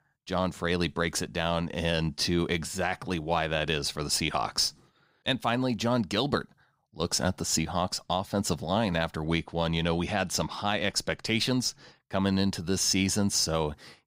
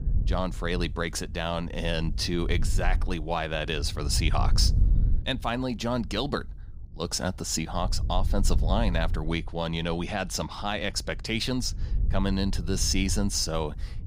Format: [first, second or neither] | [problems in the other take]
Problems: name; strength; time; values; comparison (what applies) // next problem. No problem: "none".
first | wind noise on the microphone; occasional gusts; 20 dB below the speech